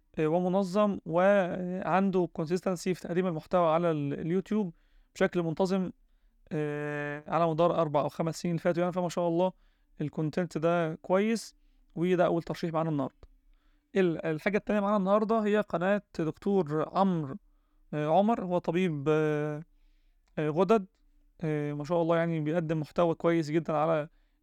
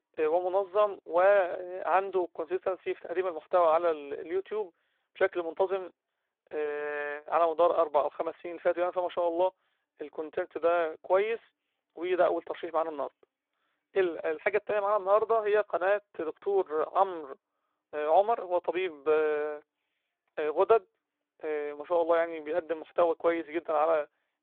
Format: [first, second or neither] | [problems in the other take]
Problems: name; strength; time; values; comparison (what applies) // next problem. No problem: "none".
first | phone-call audio